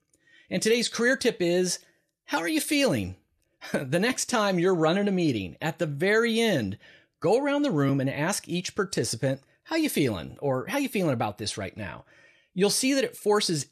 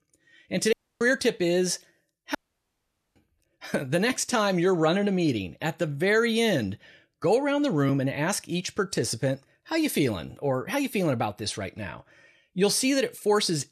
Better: first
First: none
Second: audio cutting out; at 0.5 s and at 2.5 s for 1 s

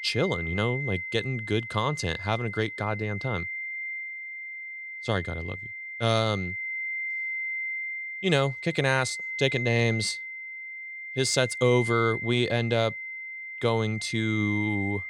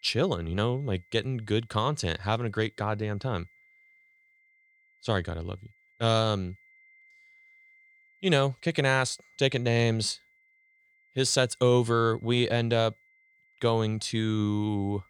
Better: second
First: high-pitched whine; loud; throughout; 2 kHz, 6 dB below the speech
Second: high-pitched whine; faint; throughout; 2 kHz, 35 dB below the speech

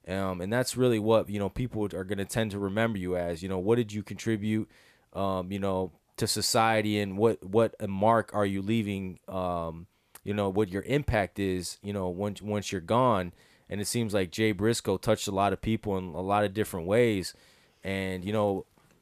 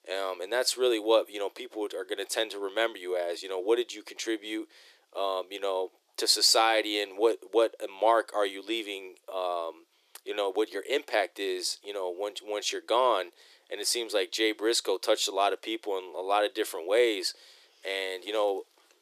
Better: first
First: none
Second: thin; very; fading below 350 Hz

